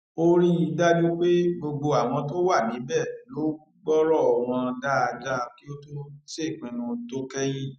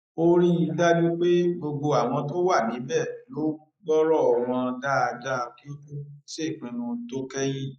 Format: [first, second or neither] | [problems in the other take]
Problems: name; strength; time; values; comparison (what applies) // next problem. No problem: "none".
first | noise reduction (neural mask model Resemble Enhance denoiser)